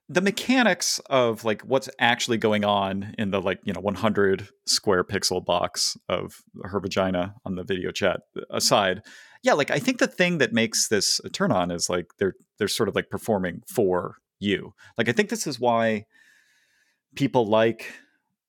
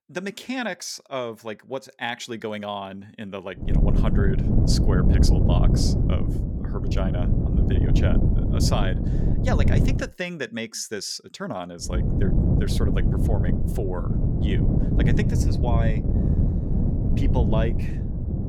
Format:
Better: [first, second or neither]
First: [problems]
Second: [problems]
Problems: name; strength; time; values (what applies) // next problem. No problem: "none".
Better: first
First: none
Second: wind noise on the microphone; heavy; from 3.5 to 10 s and from 12 s on; 1 dB below the speech